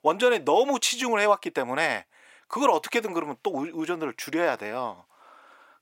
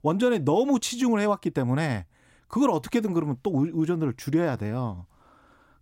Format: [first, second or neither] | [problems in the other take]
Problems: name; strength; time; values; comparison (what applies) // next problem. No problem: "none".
second | thin; very; fading below 600 Hz